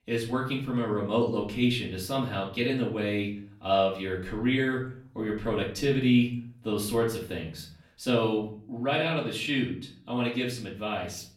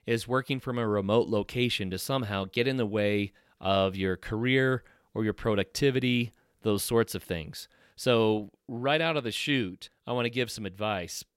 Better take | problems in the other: second | off-mic speech; far // room echo; slight; dies away in 0.4 s

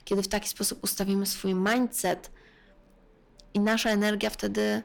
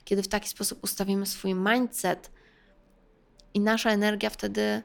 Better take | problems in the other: second | distortion; slight; 10 dB below the speech

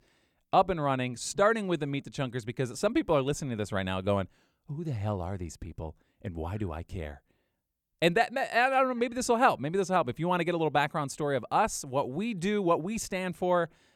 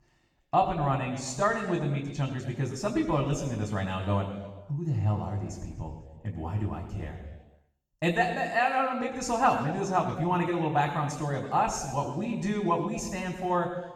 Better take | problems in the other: first | room echo; noticeable; dies away in 1.1 s // off-mic speech; far

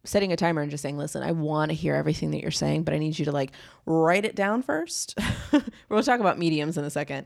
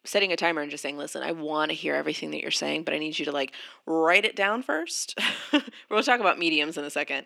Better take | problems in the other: first | thin; somewhat; fading below 250 Hz

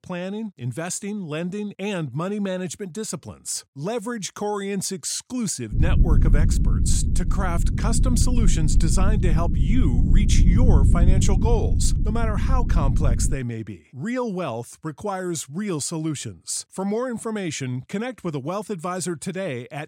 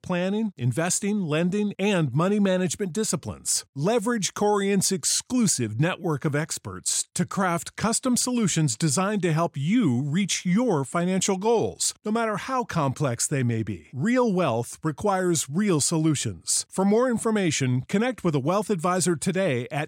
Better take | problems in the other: second | low rumble; loud; from 5.5 to 13 s; 6 dB below the speech

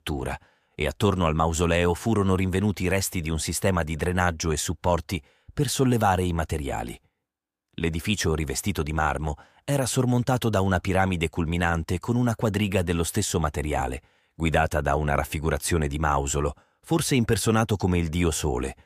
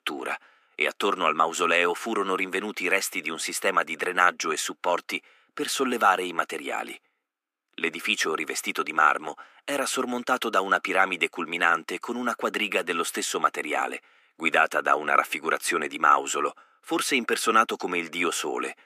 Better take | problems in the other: first | thin; very; fading below 250 Hz

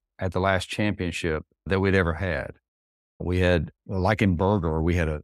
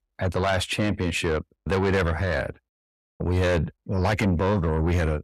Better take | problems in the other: first | distortion; heavy; 7 dB below the speech

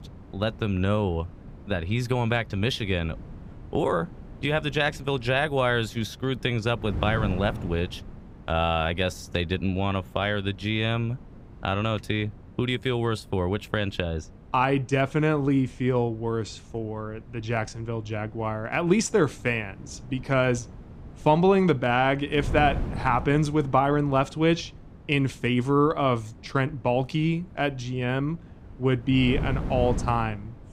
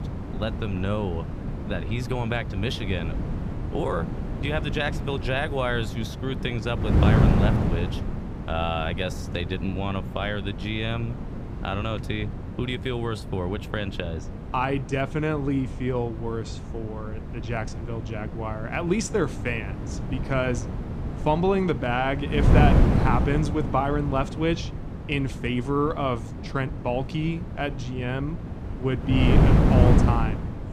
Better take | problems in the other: first | wind noise on the microphone; heavy; 6 dB below the speech; occasional gusts in the first

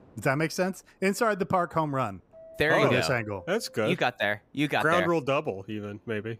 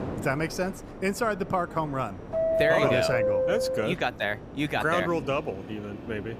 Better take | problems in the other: first | train or aircraft noise; loud; throughout; as loud as the speech; faint in the first

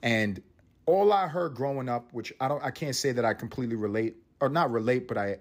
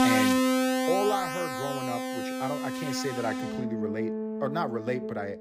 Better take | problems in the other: first | background music; very loud; throughout; 3 dB above the speech

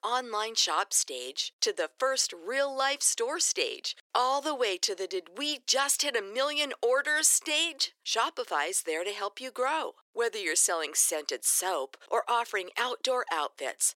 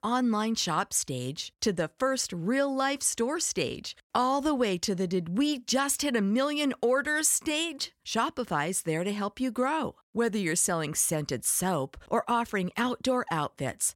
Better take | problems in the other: second | thin; very; fading below 350 Hz

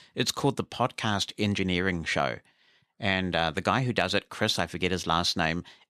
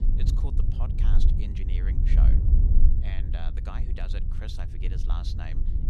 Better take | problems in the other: first | low rumble; loud; throughout; 1 dB below the speech

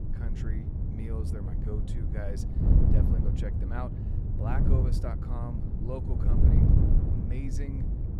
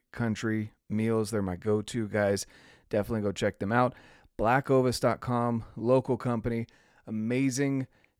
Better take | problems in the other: second | wind noise on the microphone; heavy; 2 dB above the speech

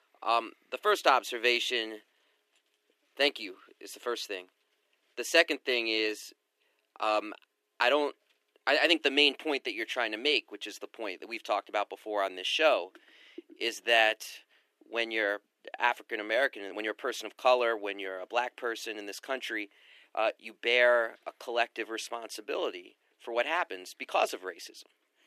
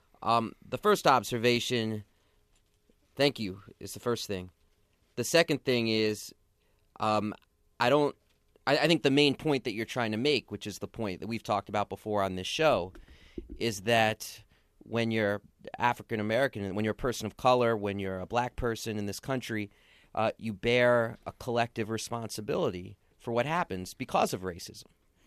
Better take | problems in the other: second | thin; somewhat; fading below 300 Hz

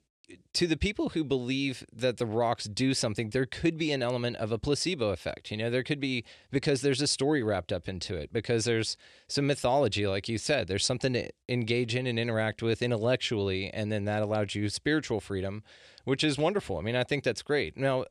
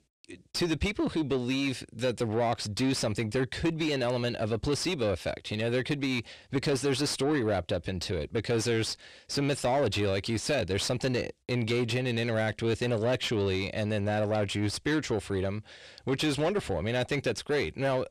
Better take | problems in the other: first | distortion; slight; 10 dB below the speech

